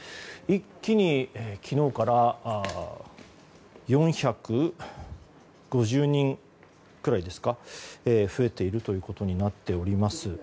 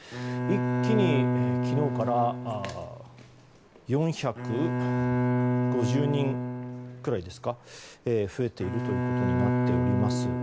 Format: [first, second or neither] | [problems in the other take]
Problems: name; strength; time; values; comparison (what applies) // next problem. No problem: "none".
first | background sound (Bowed string instrument); 2 dB above the speech